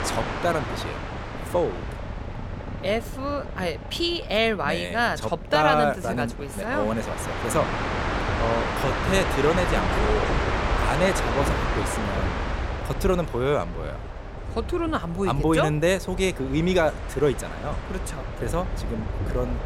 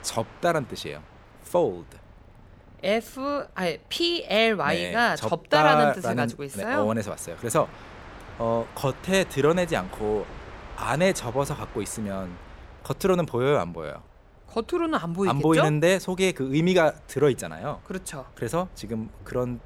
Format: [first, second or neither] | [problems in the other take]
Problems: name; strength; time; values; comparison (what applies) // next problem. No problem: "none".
second | train or aircraft noise; loud; throughout; 4 dB below the speech; faint in the second